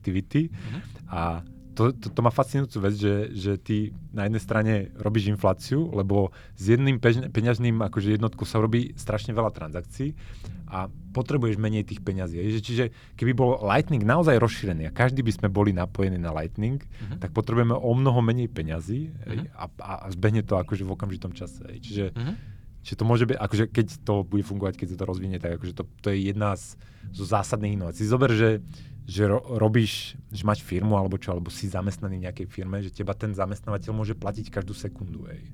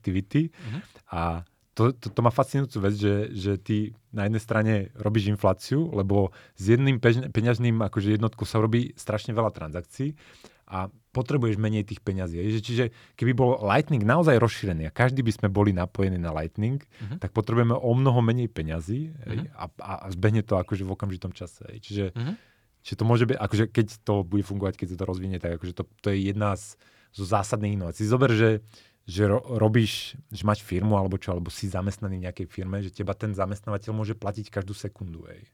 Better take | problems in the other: second | low rumble; faint; throughout; 25 dB below the speech

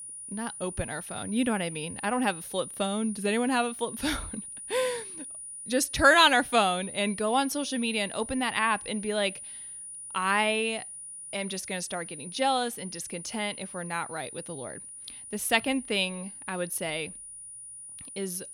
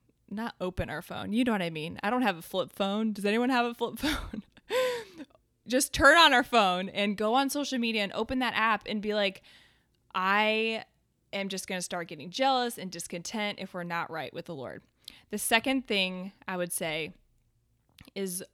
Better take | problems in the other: second | high-pitched whine; noticeable; throughout; 9.5 kHz, 10 dB below the speech

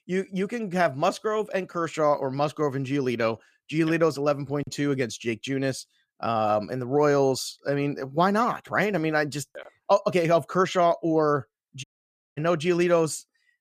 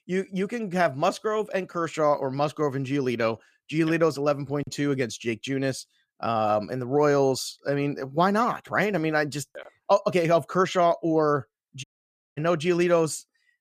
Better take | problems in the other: neither | audio cutting out; at 12 s for 0.5 s; the same in both

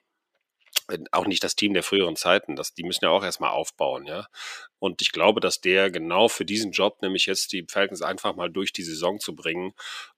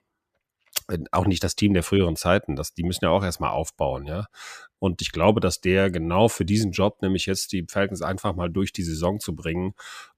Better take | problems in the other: second | thin; somewhat; fading below 350 Hz

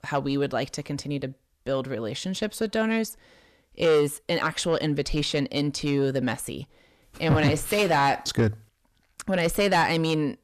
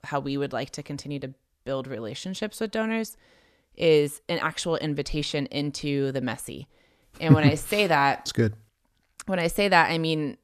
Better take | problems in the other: second | distortion; heavy; 8 dB below the speech

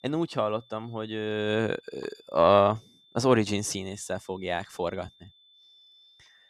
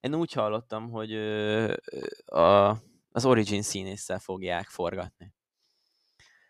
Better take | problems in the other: second | high-pitched whine; faint; throughout; 3.5 kHz, 30 dB below the speech

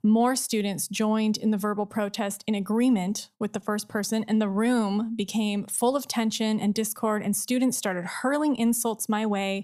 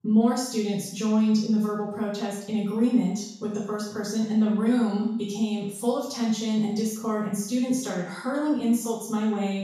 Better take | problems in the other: first | room echo; noticeable; dies away in 0.6 s // off-mic speech; far

